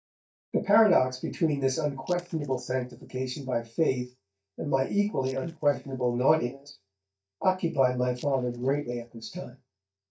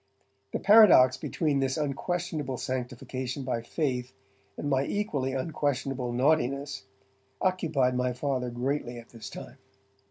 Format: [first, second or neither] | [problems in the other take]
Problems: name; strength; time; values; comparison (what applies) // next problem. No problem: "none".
second | noise reduction (neural mask model DeepFilterNet 3)